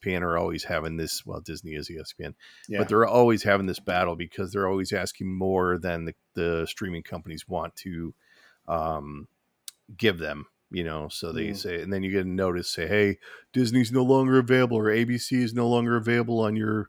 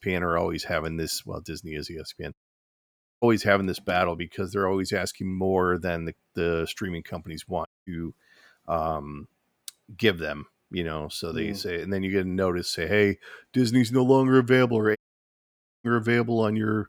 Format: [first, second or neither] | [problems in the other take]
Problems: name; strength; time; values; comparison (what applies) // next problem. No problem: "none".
first | audio cutting out; at 2.5 s for 1 s, at 7.5 s and at 15 s for 1 s